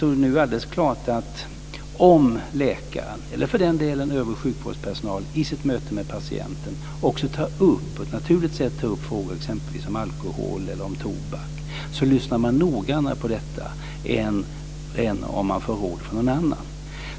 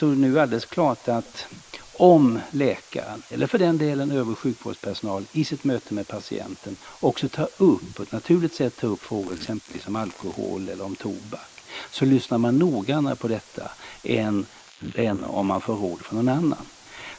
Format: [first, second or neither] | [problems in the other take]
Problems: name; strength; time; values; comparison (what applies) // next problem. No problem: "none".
first | noise reduction (neural mask model Resemble Enhance denoiser)